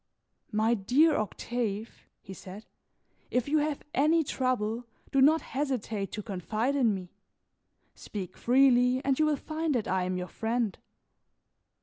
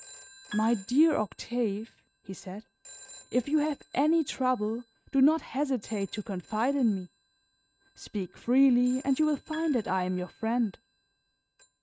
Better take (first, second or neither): first